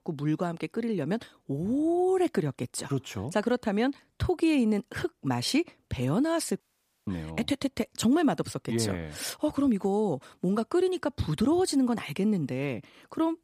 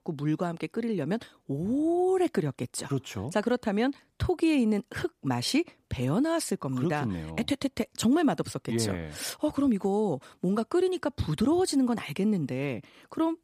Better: second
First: audio cutting out; at 6.5 s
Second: none

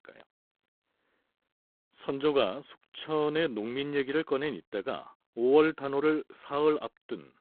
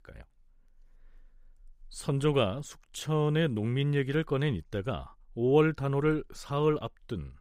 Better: second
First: phone-call audio; poor line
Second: none

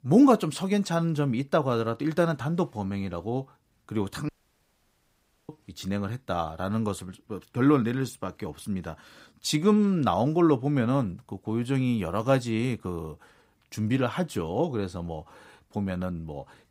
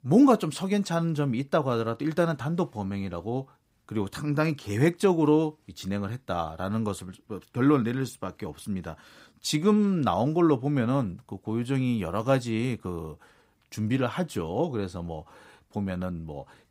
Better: second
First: audio cutting out; at 4.5 s for 1 s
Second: none

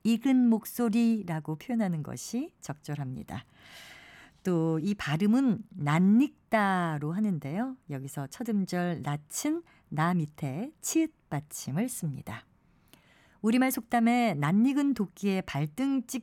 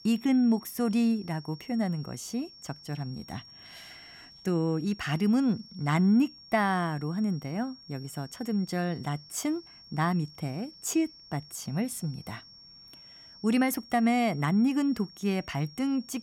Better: first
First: none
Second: high-pitched whine; noticeable; throughout; 5.5 kHz, 20 dB below the speech

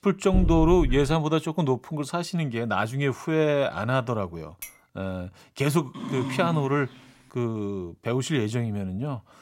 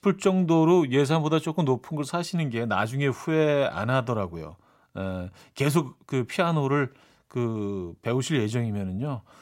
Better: second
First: dog barking; noticeable; at 0.5 s and from 6 to 7 s; peak 1 dB below the speech // clattering dishes; faint; at 4.5 s; peak 15 dB below the speech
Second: none

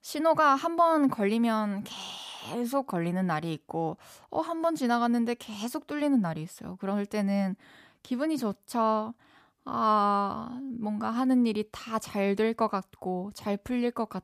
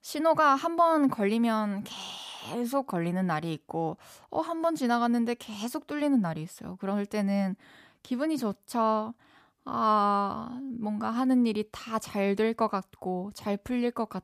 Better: neither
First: none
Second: none

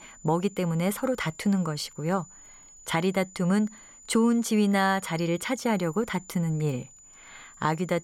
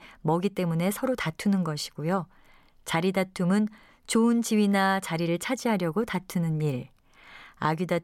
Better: second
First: high-pitched whine; faint; throughout; 7 kHz, 20 dB below the speech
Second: none

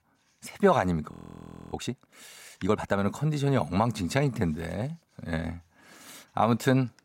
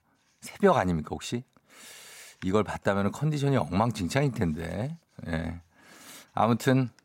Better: second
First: audio freezing; at 1 s for 0.5 s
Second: none

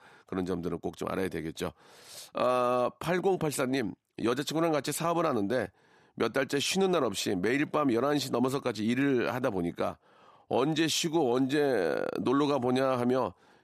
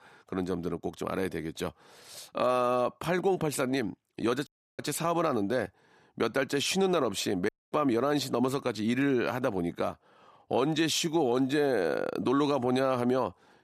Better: first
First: none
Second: audio cutting out; at 4.5 s and at 7.5 s

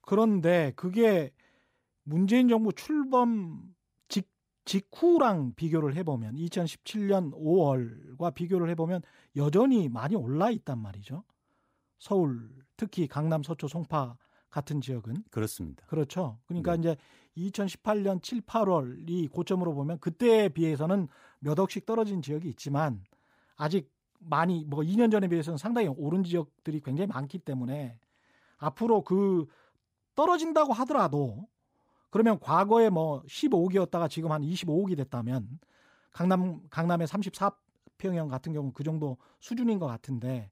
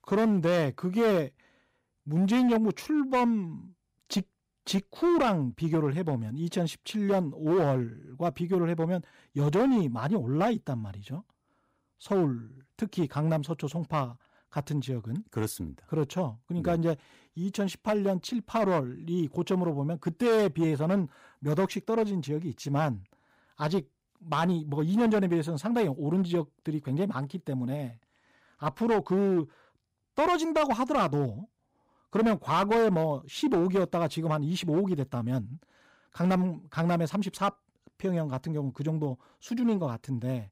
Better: first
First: none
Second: distortion; slight; 6% of the sound clipped

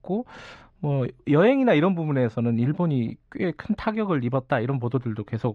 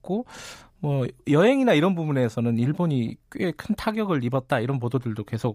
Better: second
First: muffled; slightly; fading above 3 kHz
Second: none

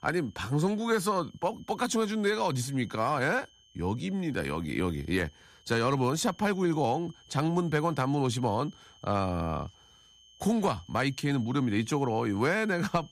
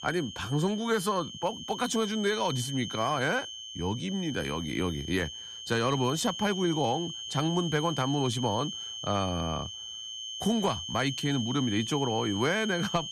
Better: first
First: high-pitched whine; faint; throughout; 3 kHz, 25 dB below the speech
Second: high-pitched whine; loud; throughout; 3 kHz, 7 dB below the speech

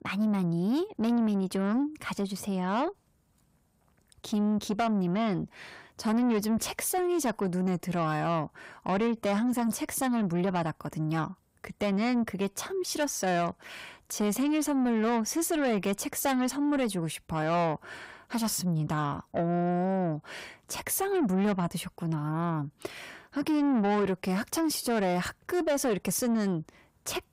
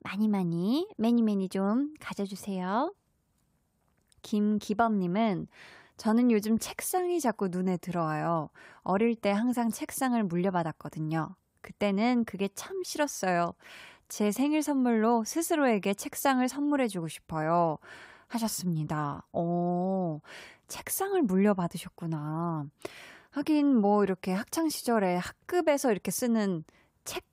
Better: second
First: distortion; slight; 10 dB below the speech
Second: none

